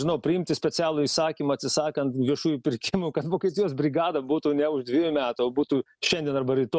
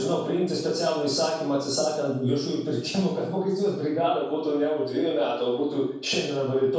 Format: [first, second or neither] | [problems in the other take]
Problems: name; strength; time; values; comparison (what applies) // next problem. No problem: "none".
first | room echo; dies away in 0.7 s